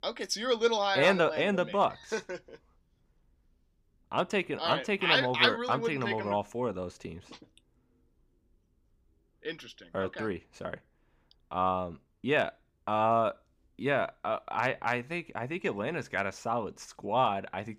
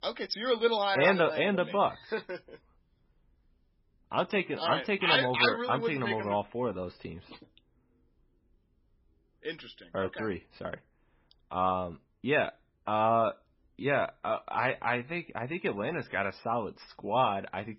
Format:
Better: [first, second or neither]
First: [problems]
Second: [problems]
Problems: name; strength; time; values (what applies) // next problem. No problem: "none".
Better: first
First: none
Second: garbled, watery; badly; nothing above 5.5 kHz